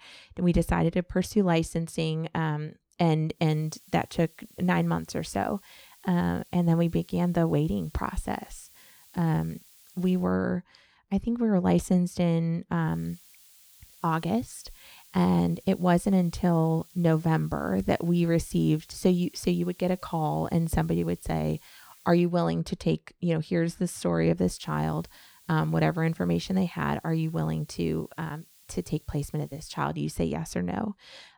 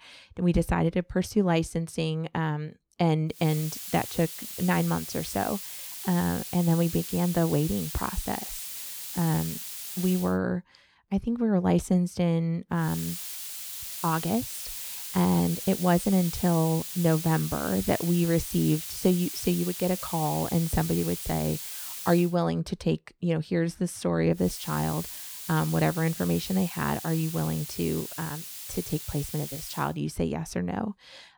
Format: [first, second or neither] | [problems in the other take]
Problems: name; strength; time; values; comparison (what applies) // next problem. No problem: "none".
first | hiss; loud; from 3.5 to 10 s, from 13 to 22 s and from 24 to 30 s; 8 dB below the speech; faint in the first